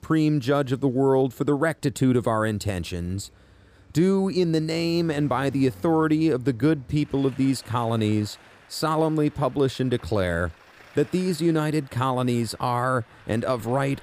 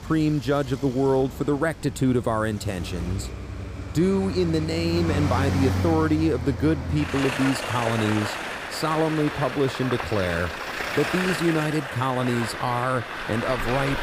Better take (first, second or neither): first